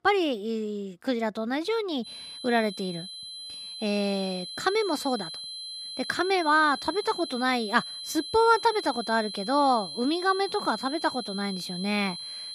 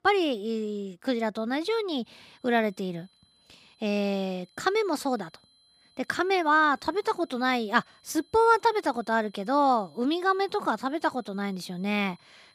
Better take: second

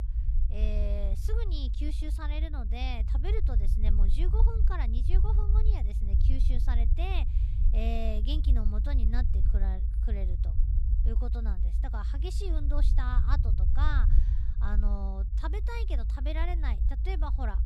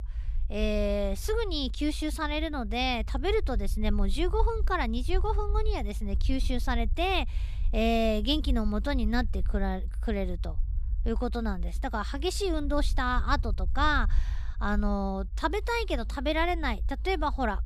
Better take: second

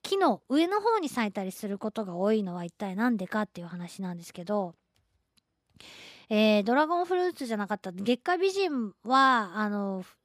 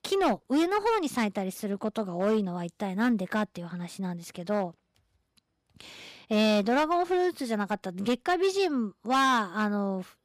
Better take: first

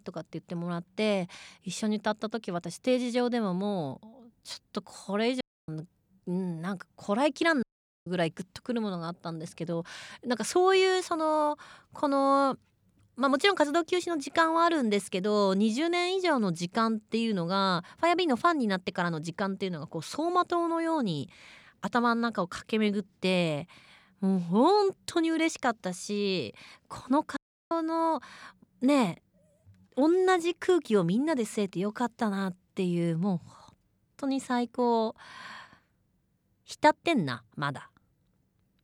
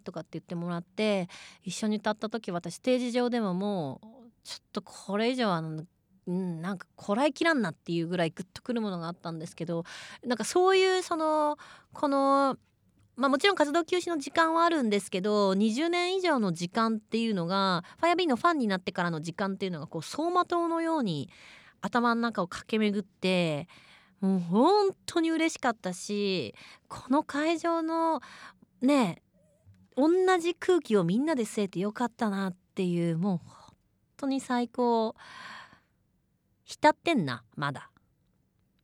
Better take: second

